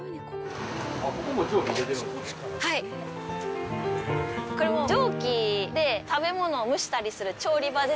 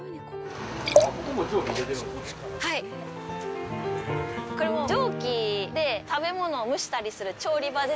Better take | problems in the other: first | background sound (Liquid); 1 dB above the speech

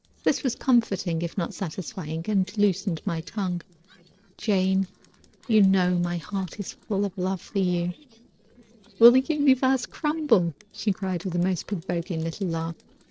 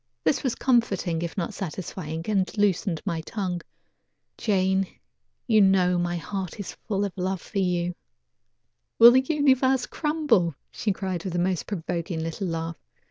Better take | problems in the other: second | noise reduction (neural separator model SepFormer DNS4)

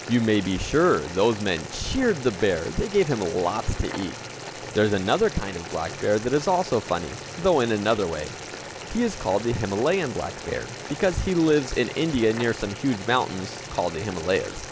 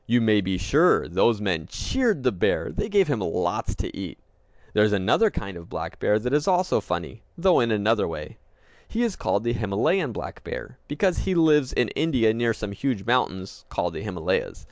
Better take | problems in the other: second | background sound (Boiling); 12 dB below the speech

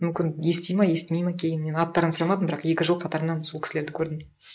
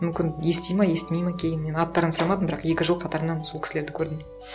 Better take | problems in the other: second | noise reduction (neural mask model Resemble Enhance denoiser)

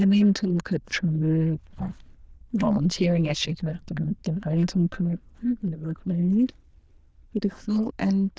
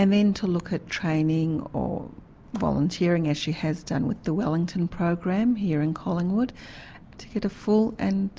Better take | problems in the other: second | noise reduction (neural diffusion model UNIVERSE++)

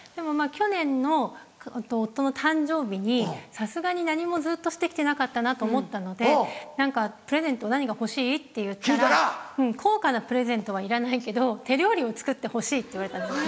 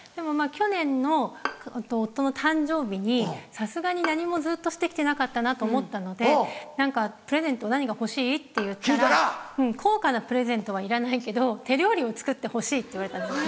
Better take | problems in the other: first | background sound (Bowed string instrument); 14 dB below the speech

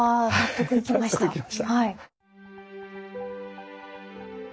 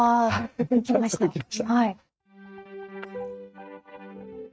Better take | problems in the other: first | noise reduction (neural mask model RNNoise)

